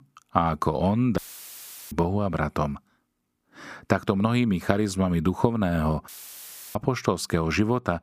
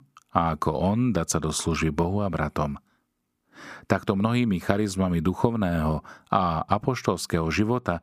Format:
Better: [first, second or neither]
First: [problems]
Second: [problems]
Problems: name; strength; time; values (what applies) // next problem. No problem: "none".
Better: second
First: audio cutting out; filled with static; at 1 s for 0.5 s and at 6 s for 0.5 s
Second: none